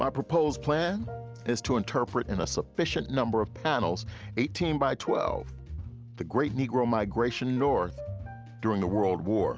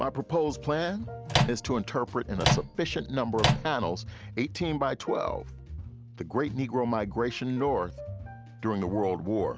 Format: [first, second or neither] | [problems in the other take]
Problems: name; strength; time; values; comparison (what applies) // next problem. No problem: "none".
first | background sound (Microwave oven); 2 dB above the speech